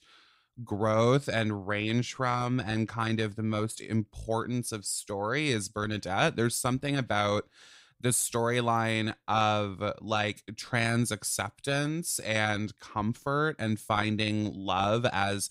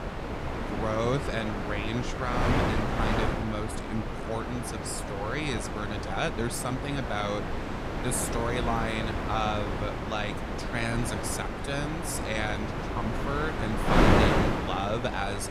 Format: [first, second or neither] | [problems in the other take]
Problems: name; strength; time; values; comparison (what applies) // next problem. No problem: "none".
first | wind noise on the microphone; heavy; 1 dB above the speech